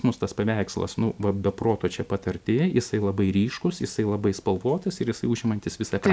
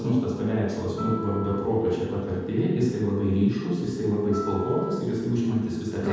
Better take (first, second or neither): first